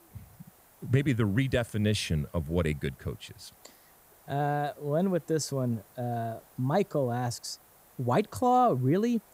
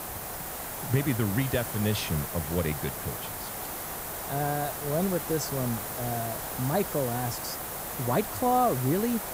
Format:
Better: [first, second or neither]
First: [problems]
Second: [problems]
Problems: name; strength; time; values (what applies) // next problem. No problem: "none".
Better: first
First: hiss; faint; throughout; 25 dB below the speech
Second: hiss; loud; throughout; 4 dB below the speech